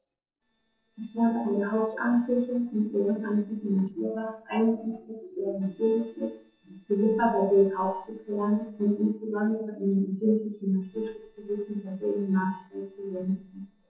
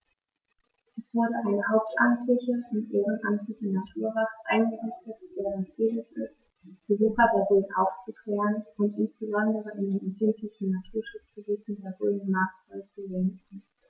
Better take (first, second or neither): second